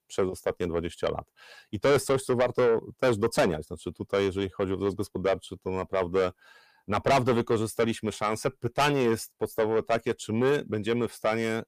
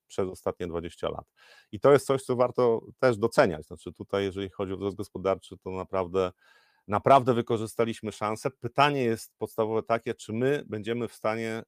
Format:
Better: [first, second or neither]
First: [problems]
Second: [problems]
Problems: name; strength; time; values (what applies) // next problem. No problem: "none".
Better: second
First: distortion; heavy; 6 dB below the speech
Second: none